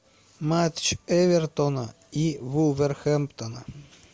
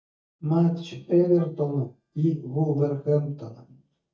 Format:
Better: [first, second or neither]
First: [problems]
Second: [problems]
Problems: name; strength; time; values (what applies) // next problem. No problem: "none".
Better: first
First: none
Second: noise reduction (neural mask model DeepFilterNet 3)